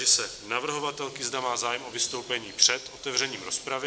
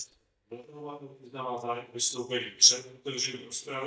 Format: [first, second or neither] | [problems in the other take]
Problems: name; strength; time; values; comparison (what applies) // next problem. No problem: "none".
first | noise reduction (neural mask model DeepFilterNet 3)